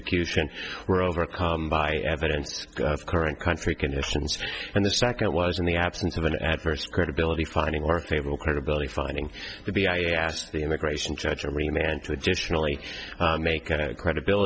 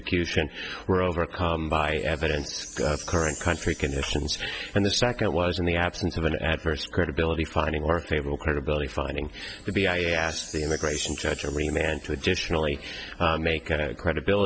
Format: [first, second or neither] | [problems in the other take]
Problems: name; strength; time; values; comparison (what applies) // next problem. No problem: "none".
first | background sound (Wind chime); 19 dB below the speech